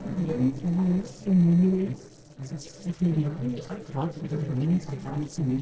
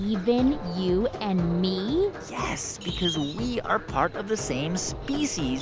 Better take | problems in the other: second | noise reduction (neural separator model SepFormer DNS4)

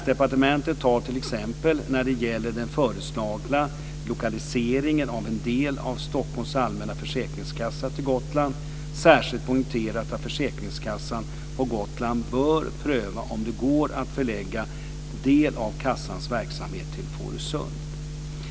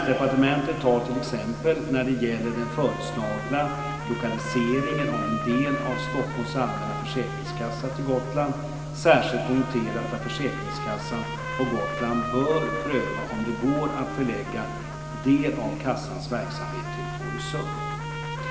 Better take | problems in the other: first | background sound (Trumpet); 9 dB below the speech // room echo; dies away in 2.1 s

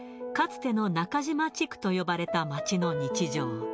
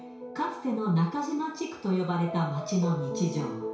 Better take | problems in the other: first | room echo; dies away in 0.6 s

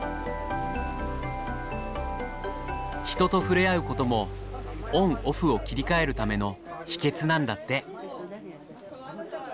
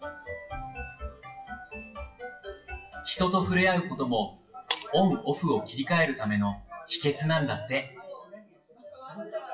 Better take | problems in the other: first | noise reduction (classical method WPE with log-MMSE)

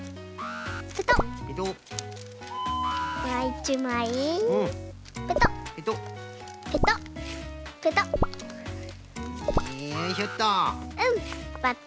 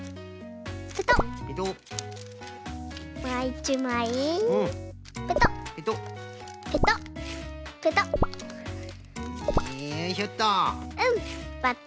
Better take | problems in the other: second | background sound (Bird + Alarm); 12 dB below the speech

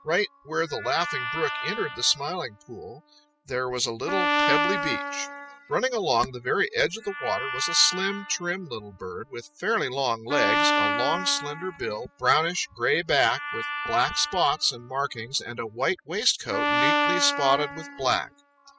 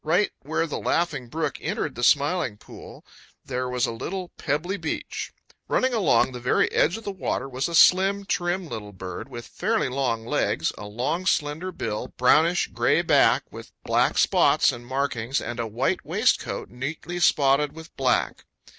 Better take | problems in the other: second | noise reduction (classical method spectral subtraction)

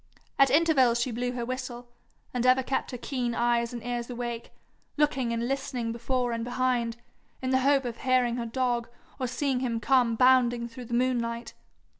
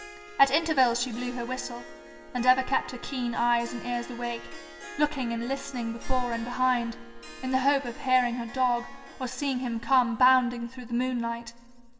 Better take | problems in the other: first | background sound (Harp); 18 dB below the speech // room echo; dies away in 1.8 s

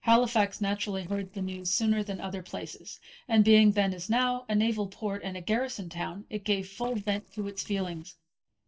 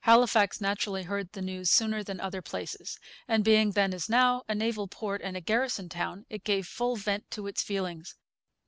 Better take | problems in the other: second | noise reduction (neural separator model SepFormer DNS4)

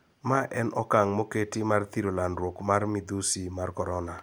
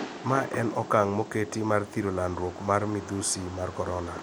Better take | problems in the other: first | background sound (Fireworks); 12 dB below the speech

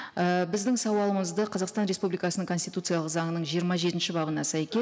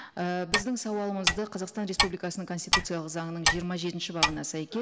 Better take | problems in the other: first | background sound (Clock); 1 dB above the speech

